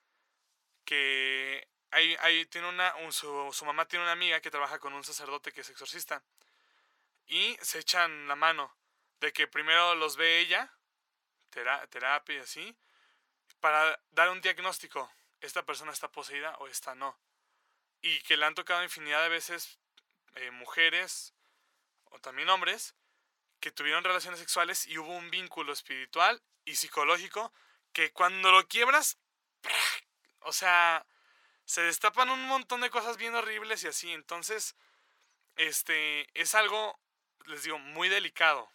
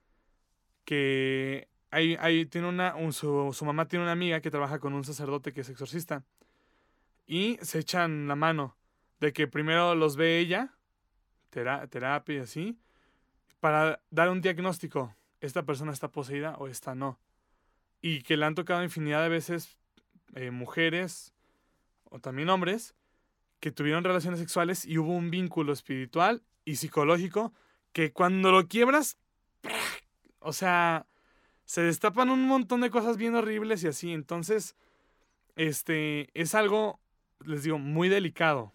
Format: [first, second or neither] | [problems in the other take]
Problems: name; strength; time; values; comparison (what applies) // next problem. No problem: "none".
second | thin; very; fading below 900 Hz